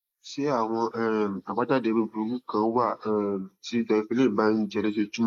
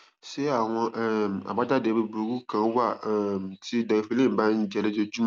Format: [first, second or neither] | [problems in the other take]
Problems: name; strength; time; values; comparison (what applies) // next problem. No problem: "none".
second | noise reduction (neural mask model Resemble Enhance denoiser)